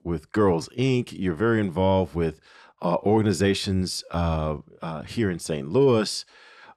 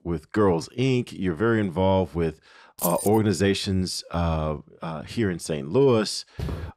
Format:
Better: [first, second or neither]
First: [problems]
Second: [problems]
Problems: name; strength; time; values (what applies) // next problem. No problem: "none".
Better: first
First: none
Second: jangling keys; noticeable; at 3 s; peak 5 dB below the speech // footsteps; noticeable; at 6.5 s; peak 9 dB below the speech